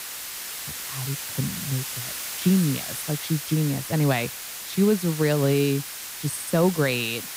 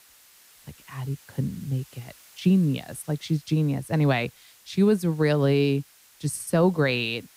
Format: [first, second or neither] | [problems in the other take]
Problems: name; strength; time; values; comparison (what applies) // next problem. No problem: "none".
second | hiss; loud; throughout; 7 dB below the speech; faint in the second